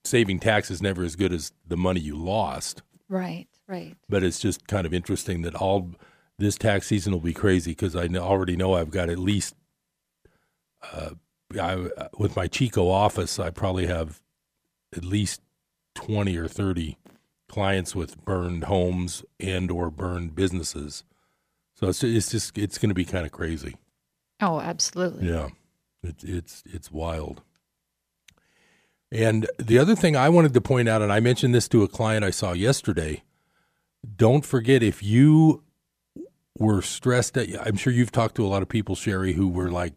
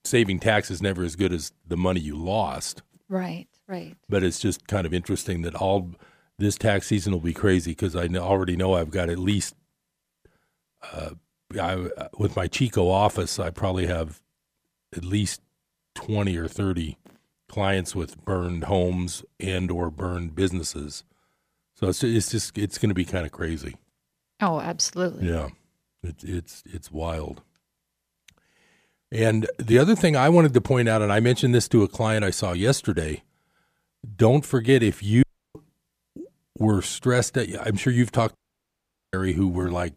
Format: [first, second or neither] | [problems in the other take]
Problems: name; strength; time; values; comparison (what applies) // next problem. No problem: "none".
first | audio cutting out; at 35 s and at 38 s for 1 s